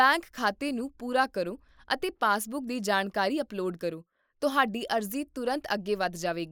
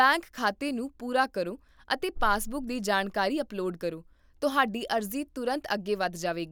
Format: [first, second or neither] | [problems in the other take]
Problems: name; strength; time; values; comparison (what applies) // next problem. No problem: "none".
second | noise reduction (neural mask model Resemble Enhance denoiser)